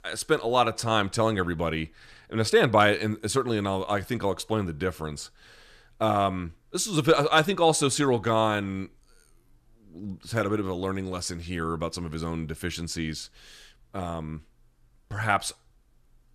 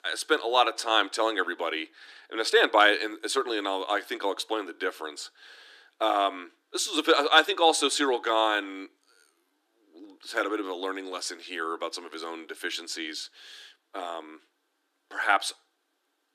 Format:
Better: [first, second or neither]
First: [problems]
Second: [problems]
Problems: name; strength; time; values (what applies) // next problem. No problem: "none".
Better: first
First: none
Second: thin; somewhat; fading below 300 Hz